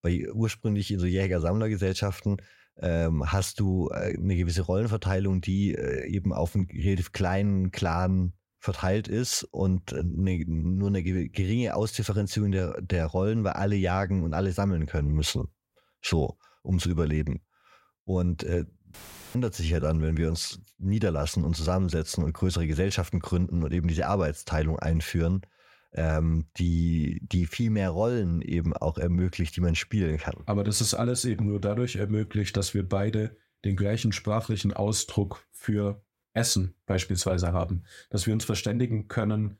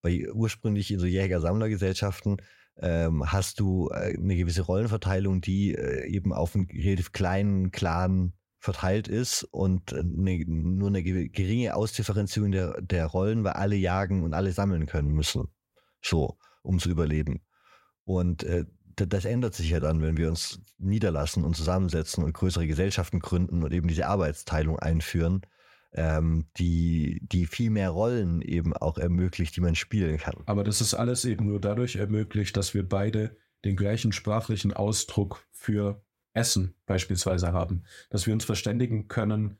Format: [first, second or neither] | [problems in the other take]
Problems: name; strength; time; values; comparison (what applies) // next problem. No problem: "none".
second | audio cutting out; filled with static; at 19 s